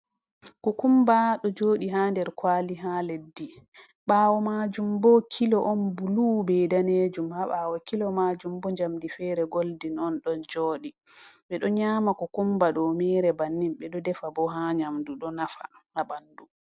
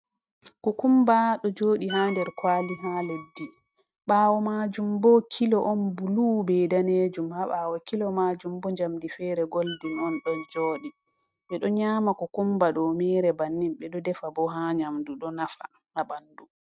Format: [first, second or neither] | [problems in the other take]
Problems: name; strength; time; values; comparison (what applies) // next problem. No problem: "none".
first | noise reduction (neural mask model RNNoise)